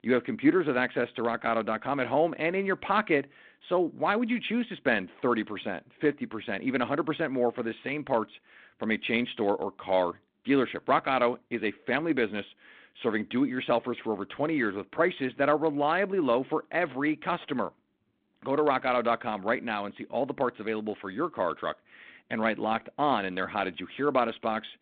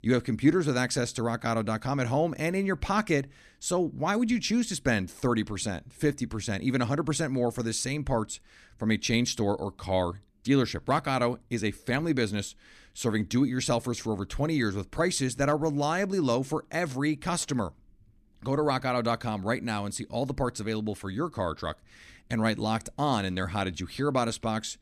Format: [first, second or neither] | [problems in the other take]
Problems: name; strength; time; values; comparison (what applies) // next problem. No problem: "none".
second | phone-call audio; nothing above 4 kHz